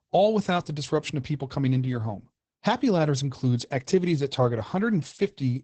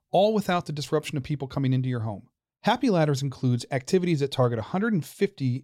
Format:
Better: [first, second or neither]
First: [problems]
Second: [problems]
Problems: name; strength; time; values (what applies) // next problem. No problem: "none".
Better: second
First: garbled, watery; badly; nothing above 8 kHz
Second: none